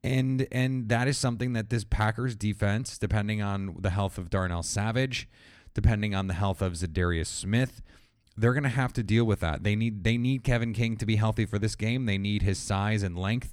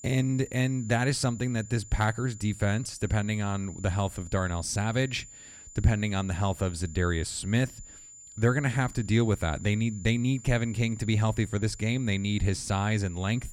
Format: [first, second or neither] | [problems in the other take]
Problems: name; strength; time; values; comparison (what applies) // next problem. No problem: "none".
first | high-pitched whine; noticeable; throughout; 7 kHz, 20 dB below the speech